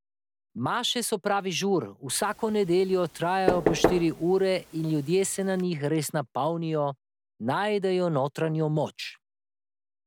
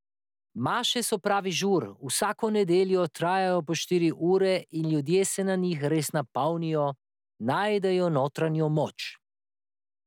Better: second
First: background sound (Knock / Wood); 4 dB below the speech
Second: none

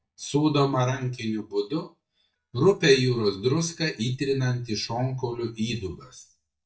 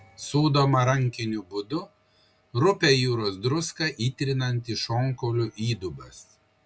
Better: second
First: noise reduction (neural mask model DeepFilterNet 3)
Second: none

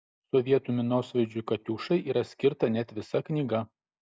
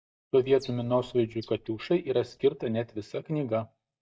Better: first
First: none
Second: noise reduction (neural mask model DeepFilterNet 3)

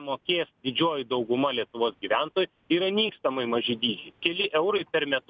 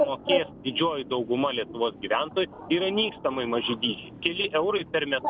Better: first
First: none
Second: background sound (Bird); 7 dB below the speech

